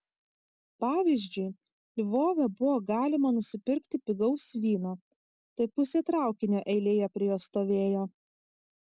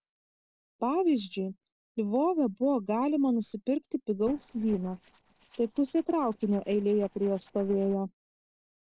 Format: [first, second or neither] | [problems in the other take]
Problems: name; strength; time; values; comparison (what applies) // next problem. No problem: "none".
first | noise reduction (neural separator model SepFormer DNS4)